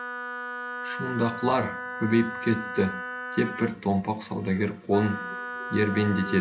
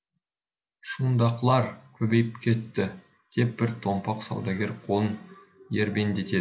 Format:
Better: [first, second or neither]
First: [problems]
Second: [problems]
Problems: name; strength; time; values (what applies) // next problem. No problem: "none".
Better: second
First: background sound (Wind instrument, woodwind instrument); 8 dB below the speech // room echo; dies away in 0.3 s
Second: none